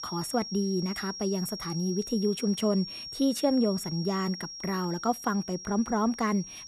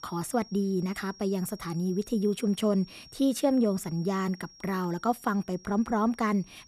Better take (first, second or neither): second